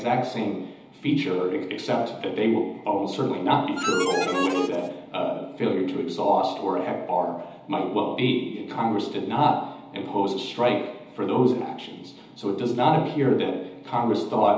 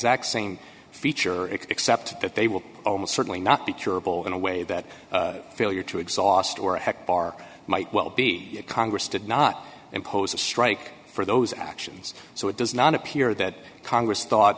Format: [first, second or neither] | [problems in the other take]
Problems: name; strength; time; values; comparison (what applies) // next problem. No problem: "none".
second | background sound (Harmonica); 5 dB below the speech // room echo; dies away in 1.3 s